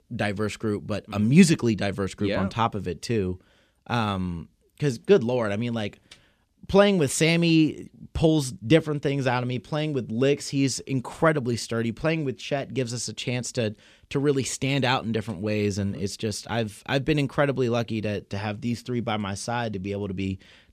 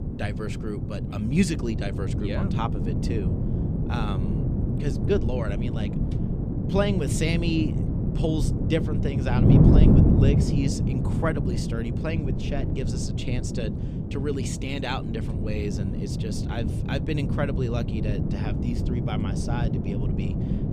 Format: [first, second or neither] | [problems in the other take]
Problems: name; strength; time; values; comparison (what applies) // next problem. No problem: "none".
first | wind noise on the microphone; heavy; 1 dB below the speech